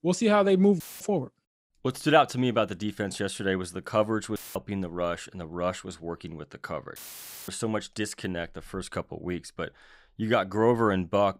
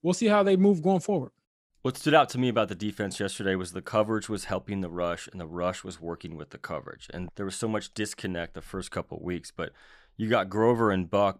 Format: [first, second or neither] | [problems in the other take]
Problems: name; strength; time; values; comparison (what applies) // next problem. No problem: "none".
second | audio cutting out; filled with static; at 1 s, at 4.5 s and at 7 s for 0.5 s